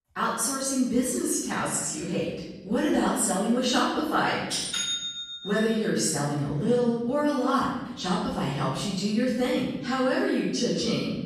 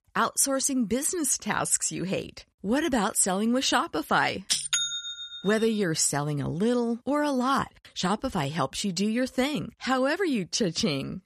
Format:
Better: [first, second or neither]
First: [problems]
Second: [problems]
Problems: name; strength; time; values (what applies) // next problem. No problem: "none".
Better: second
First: room echo; strong; dies away in 1 s // off-mic speech; far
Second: none